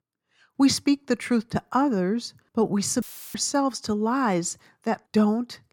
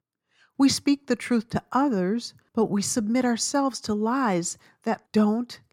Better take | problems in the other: second | audio cutting out; filled with static; at 3 s

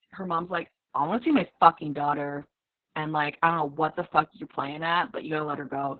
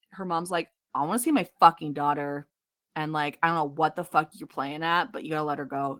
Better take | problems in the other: second | garbled, watery; badly; nothing above 4 kHz; slightly in the second

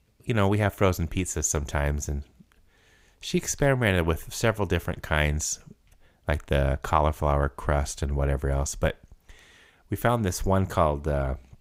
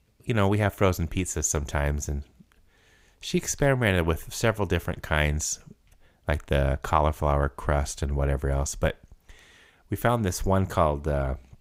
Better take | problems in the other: neither | none

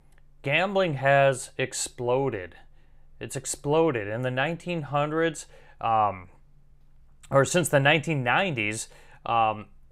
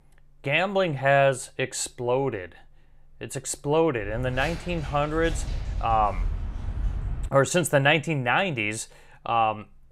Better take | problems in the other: first | footsteps; noticeable; from 4 to 7.5 s; peak 7 dB below the speech

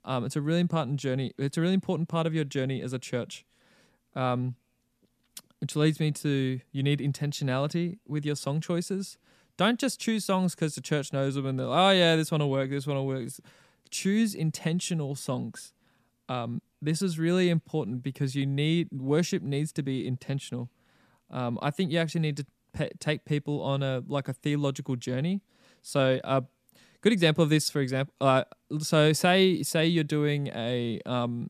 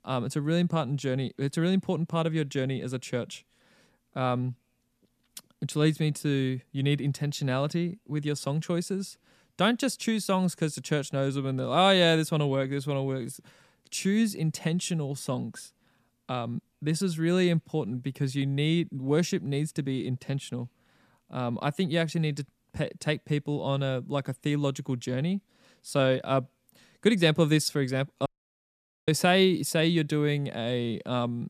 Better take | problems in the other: first | audio cutting out; at 28 s for 1 s

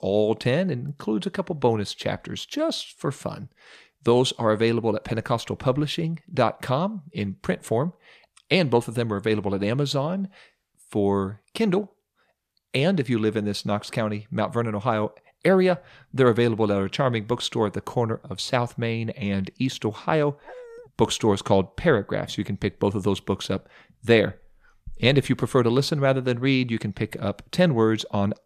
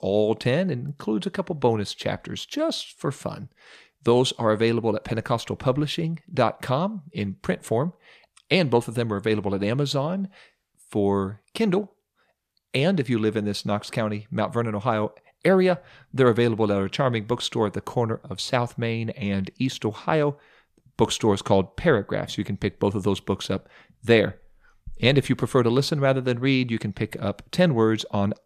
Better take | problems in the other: second | dog barking; faint; at 20 s; peak 20 dB below the speech

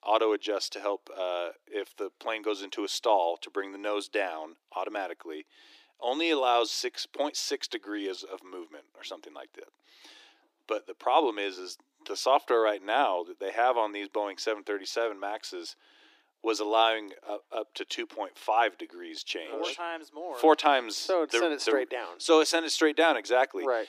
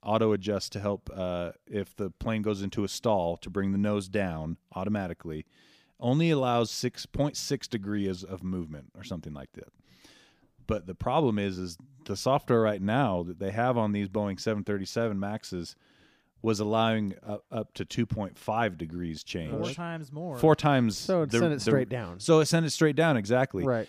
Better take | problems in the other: second | thin; very; fading below 300 Hz

